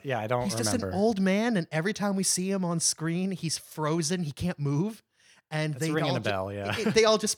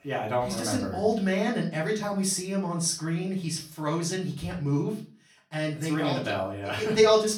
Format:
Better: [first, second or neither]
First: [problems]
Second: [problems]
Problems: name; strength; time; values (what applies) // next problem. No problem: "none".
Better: first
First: none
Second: off-mic speech; far // room echo; slight; dies away in 0.3 s